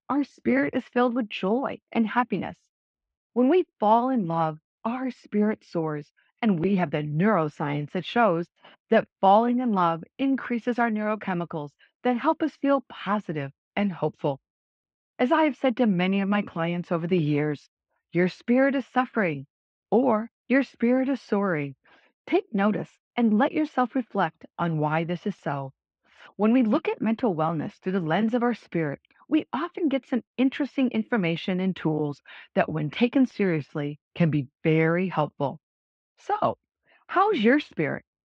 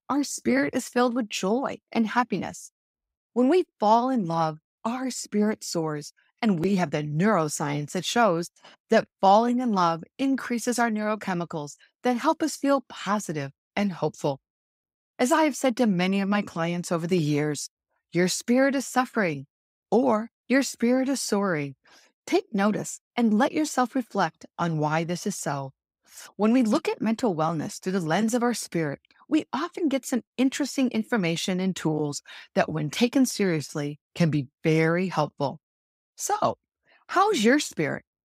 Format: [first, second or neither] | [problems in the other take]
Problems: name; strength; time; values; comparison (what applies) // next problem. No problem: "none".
second | muffled; very; fading above 3 kHz